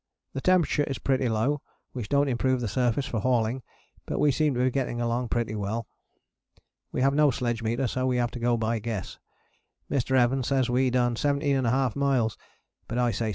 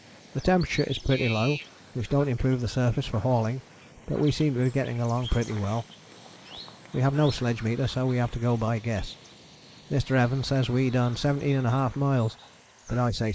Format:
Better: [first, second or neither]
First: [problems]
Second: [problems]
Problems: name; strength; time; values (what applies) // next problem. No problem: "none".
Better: first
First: none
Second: noise reduction (neural mask model Resemble Enhance denoiser)